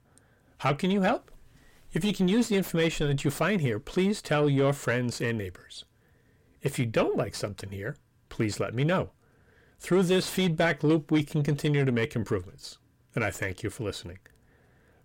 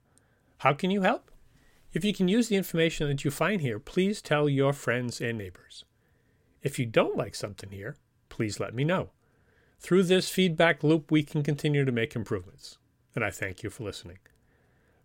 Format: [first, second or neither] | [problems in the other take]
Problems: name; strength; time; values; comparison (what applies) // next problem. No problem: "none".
second | distortion; slight; 10 dB below the speech